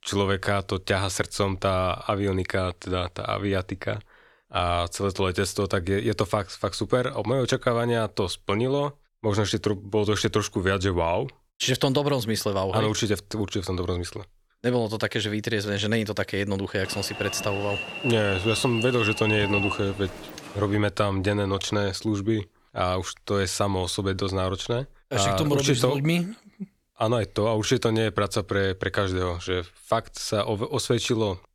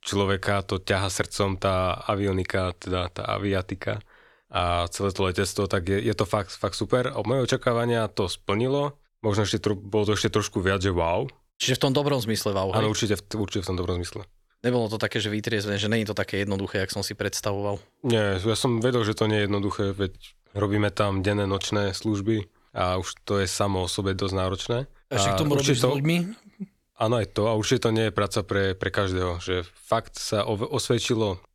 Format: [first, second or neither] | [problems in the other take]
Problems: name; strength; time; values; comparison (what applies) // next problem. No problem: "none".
second | alarm; loud; from 17 to 21 s; peak level with the speech